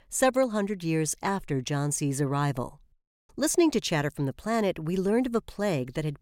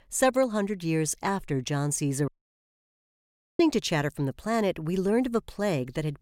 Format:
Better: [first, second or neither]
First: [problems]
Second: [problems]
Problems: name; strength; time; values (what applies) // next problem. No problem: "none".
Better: first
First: none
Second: audio cutting out; at 2.5 s for 1.5 s